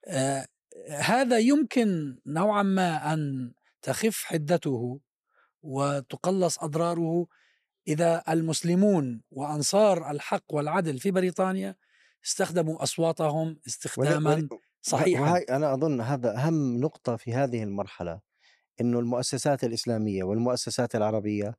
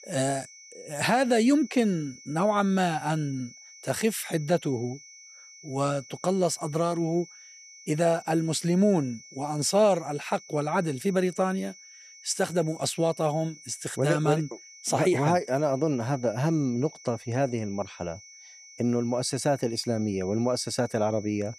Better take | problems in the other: first | high-pitched whine; noticeable; throughout; 6 kHz, 20 dB below the speech

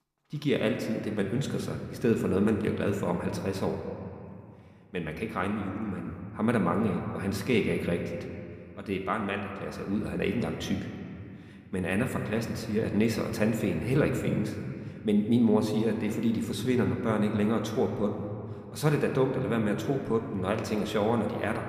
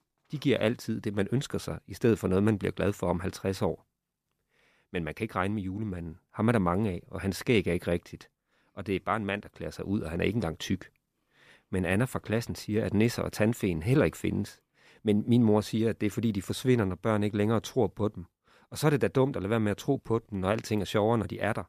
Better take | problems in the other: second | room echo; slight; dies away in 2.3 s

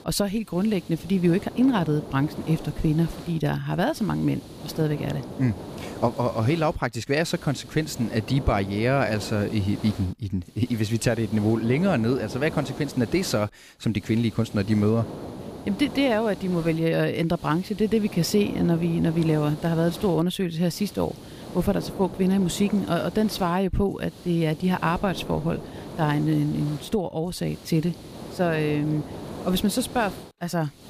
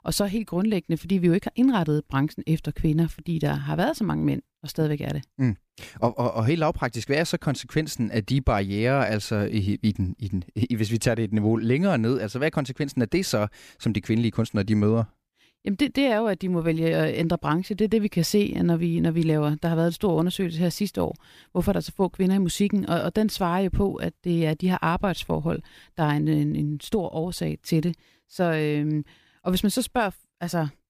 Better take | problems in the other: second | hiss; noticeable; throughout; 15 dB below the speech

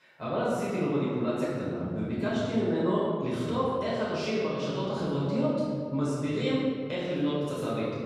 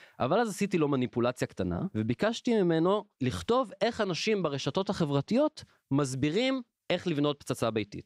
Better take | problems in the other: second | off-mic speech; far // room echo; strong; dies away in 2.1 s

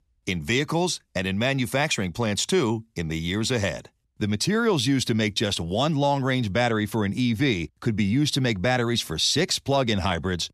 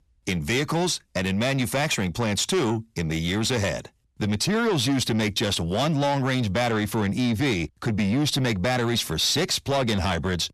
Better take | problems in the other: first | distortion; slight; 10 dB below the speech

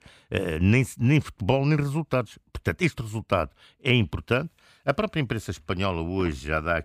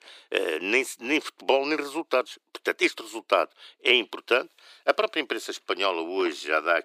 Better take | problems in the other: first | thin; very; fading below 350 Hz

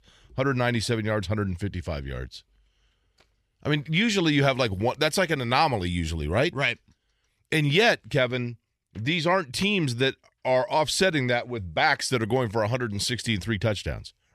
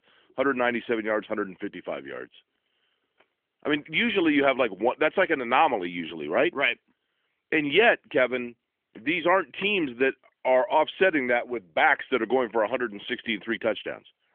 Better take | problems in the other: first | phone-call audio; nothing above 3.5 kHz

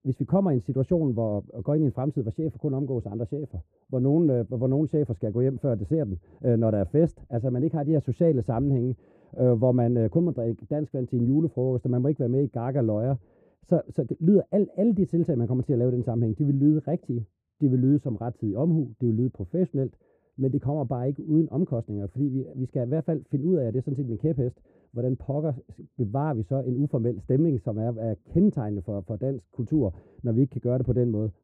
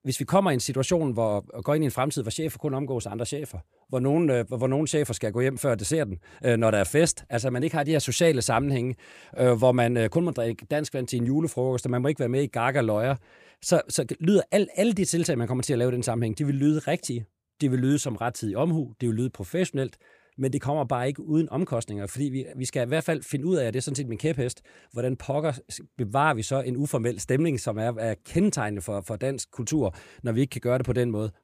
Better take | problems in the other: second | muffled; very; fading above 1.5 kHz

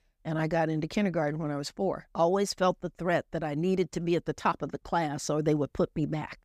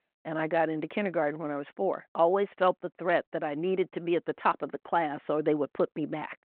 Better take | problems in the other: first | phone-call audio

